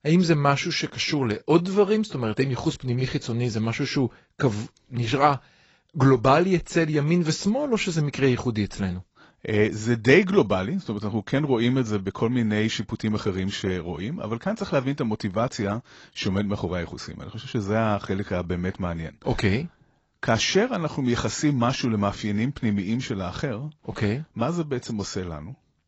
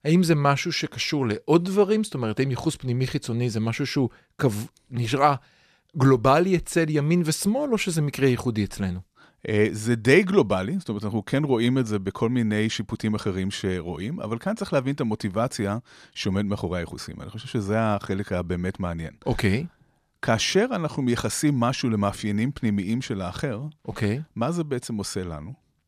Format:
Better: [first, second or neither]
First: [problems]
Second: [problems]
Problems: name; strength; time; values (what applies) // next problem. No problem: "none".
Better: second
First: garbled, watery; badly; nothing above 7.5 kHz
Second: none